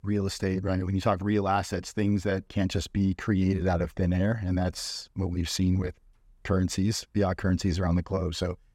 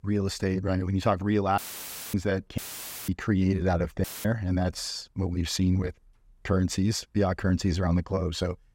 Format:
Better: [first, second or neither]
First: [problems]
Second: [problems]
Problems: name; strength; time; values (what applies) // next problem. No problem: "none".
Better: first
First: none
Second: audio cutting out; filled with static; at 1.5 s for 0.5 s, at 2.5 s for 0.5 s and at 4 s